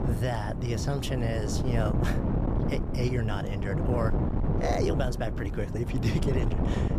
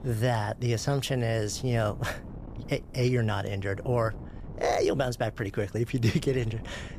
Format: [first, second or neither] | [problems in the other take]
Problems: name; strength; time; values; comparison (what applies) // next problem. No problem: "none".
second | wind noise on the microphone; heavy; 3 dB below the speech; occasional gusts in the second